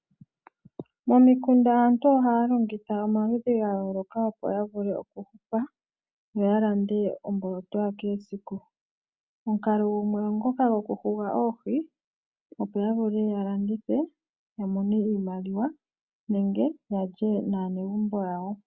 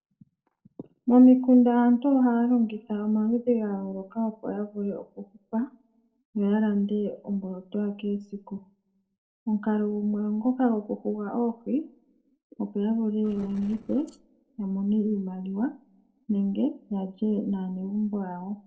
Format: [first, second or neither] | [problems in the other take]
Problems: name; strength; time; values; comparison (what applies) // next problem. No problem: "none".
first | noise reduction (neural separator model SepFormer DNS4)